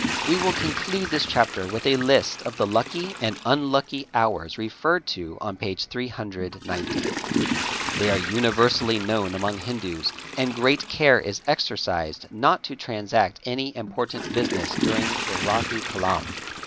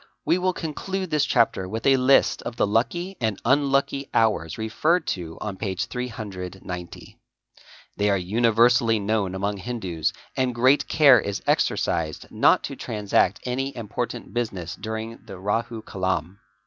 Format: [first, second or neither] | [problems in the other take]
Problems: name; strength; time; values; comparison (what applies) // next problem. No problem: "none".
second | background sound (Toilet flush / Water); 6 dB below the speech